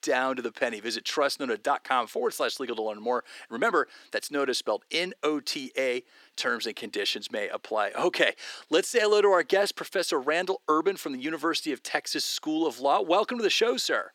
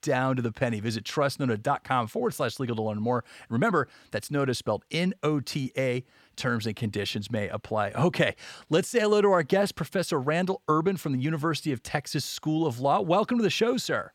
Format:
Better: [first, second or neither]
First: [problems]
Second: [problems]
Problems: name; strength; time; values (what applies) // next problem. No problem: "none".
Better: second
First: thin; somewhat; fading below 300 Hz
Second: none